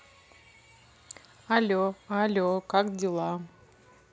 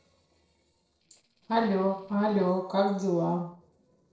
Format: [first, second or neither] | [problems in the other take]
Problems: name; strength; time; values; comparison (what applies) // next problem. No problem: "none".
first | noise reduction (neural separator model SepFormer DNS4)